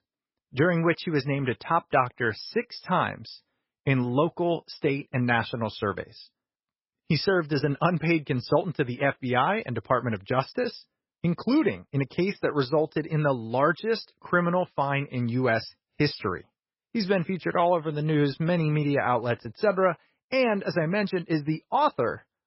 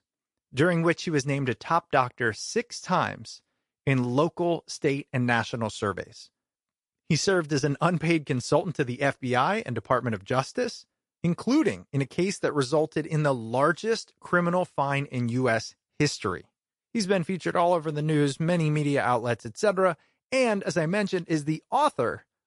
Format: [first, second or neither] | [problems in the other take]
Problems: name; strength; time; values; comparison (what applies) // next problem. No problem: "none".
second | garbled, watery; badly; nothing above 5.5 kHz; slightly in the second